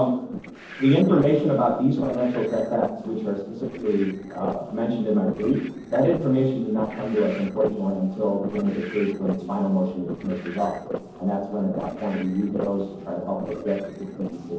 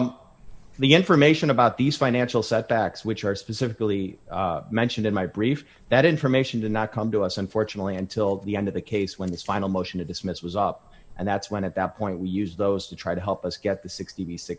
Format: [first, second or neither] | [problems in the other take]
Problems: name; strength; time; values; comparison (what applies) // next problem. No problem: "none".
second | noise reduction (neural separator model SepFormer DNS4)